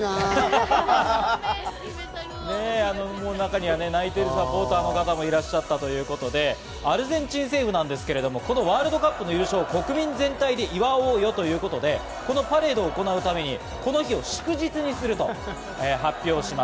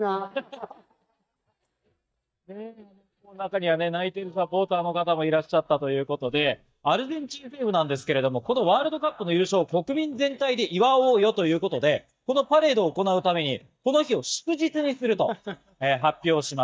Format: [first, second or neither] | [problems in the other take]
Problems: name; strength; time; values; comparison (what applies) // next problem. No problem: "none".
first | noise reduction (neural mask model DeepFilterNet 3)